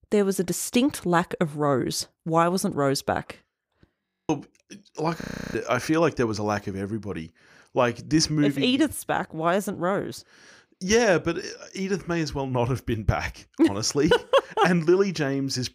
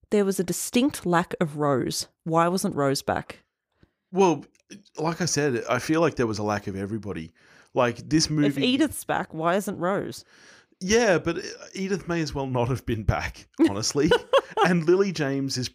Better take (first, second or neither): second